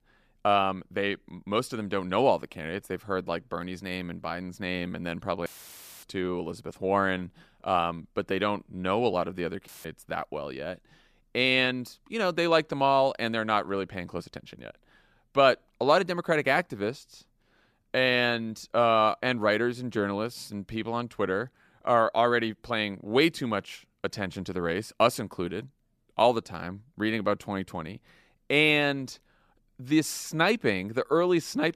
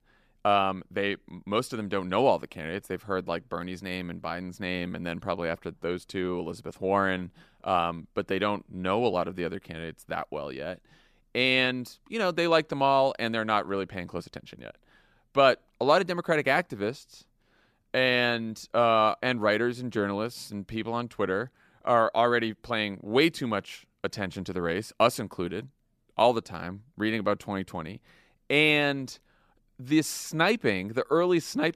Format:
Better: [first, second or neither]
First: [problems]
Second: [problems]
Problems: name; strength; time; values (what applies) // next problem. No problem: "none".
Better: second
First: audio cutting out; filled with static; at 5.5 s for 0.5 s and at 9.5 s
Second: none